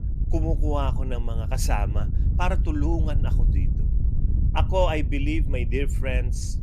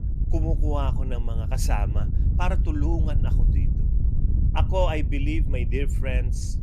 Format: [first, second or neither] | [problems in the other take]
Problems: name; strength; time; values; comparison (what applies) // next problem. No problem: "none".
first | wind noise on the microphone; heavy; 9 dB below the speech; occasional gusts in the first